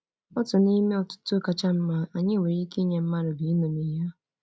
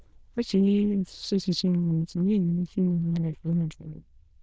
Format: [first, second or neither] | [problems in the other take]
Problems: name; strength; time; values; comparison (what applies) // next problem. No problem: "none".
first | noise reduction (neural diffusion model UNIVERSE++)